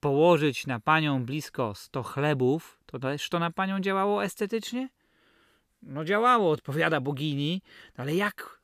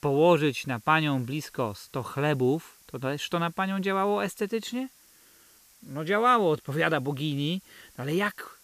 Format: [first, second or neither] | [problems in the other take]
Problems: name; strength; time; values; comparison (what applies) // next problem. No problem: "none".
first | hiss; faint; throughout; 25 dB below the speech